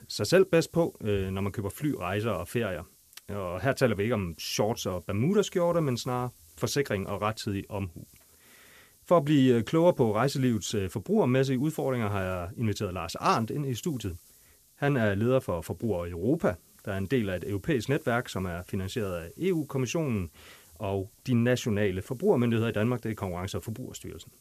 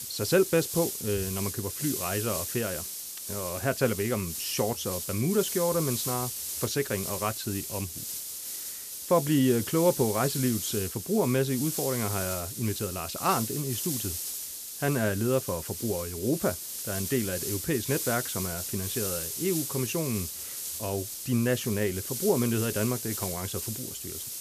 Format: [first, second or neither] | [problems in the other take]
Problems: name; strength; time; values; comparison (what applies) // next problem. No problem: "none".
first | hiss; loud; throughout; 4 dB below the speech; faint in the first